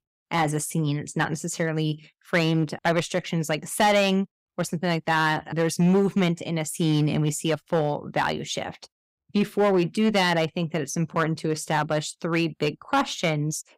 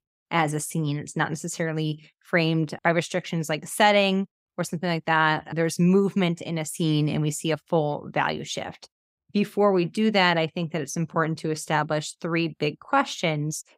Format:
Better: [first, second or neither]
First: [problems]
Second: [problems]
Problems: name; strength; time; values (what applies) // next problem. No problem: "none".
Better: second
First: distortion; slight; 3% of the sound clipped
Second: none